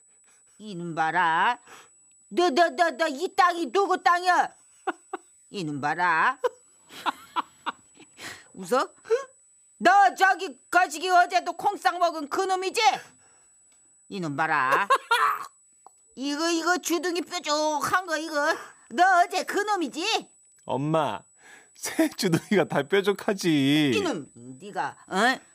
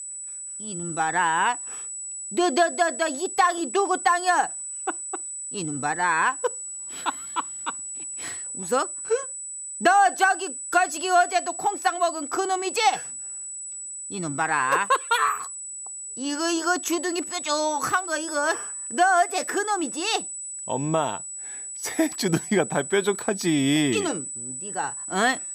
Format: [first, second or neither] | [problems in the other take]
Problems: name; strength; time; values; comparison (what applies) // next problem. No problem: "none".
first | high-pitched whine; loud; throughout; 8 kHz, 8 dB below the speech; faint in the first